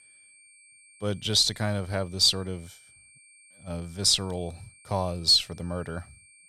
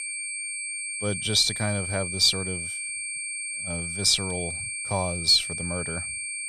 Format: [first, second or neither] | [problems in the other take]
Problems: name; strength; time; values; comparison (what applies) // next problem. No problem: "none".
first | high-pitched whine; loud; throughout; 2.5 kHz, 6 dB below the speech; faint in the first